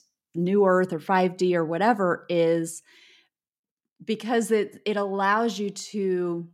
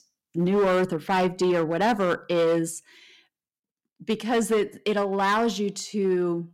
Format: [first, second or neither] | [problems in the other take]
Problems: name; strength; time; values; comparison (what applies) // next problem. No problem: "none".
first | distortion; slight; 9% of the sound clipped